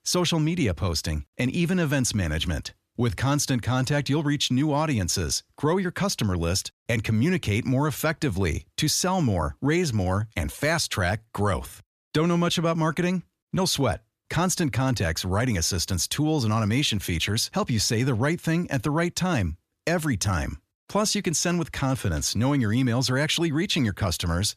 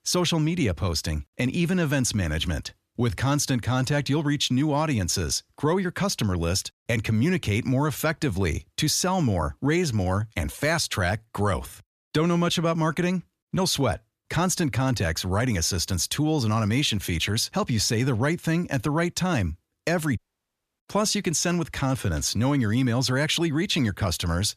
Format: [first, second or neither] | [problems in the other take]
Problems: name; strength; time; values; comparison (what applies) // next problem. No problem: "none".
first | audio cutting out; at 20 s for 0.5 s